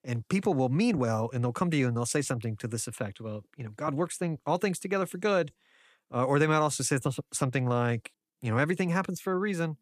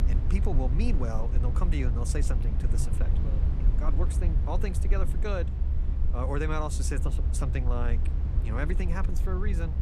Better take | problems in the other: first | low rumble; loud; throughout; 8 dB below the speech

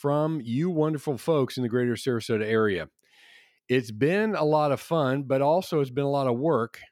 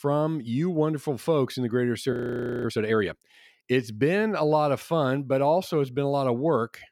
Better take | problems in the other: first | audio freezing; at 2 s for 0.5 s

